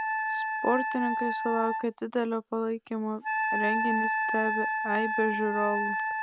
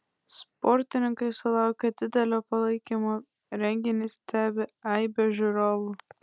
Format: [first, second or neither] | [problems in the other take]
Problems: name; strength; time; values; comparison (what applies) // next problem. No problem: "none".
second | background sound (Wind instrument, woodwind instrument); 1 dB above the speech